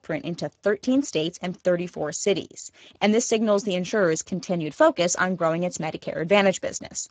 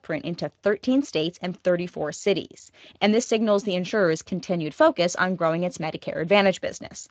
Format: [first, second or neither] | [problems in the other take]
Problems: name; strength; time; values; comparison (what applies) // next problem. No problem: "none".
second | garbled, watery; badly; nothing above 7.5 kHz; slightly in the second